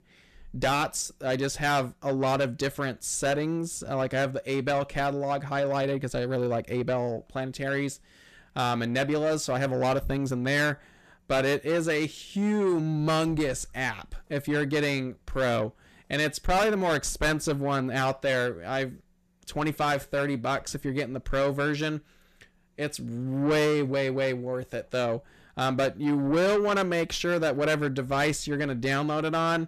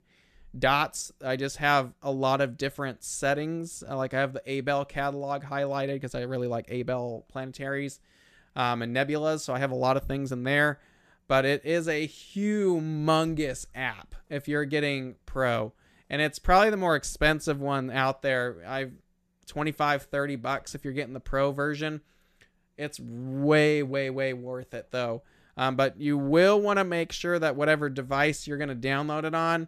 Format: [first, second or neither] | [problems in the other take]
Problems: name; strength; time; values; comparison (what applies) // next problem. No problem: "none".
second | distortion; heavy; 8 dB below the speech